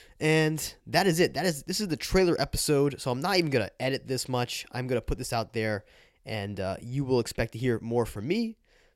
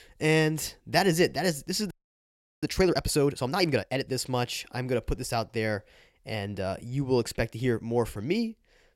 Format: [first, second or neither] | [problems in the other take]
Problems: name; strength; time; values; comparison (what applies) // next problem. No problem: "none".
first | audio freezing; at 2 s for 0.5 s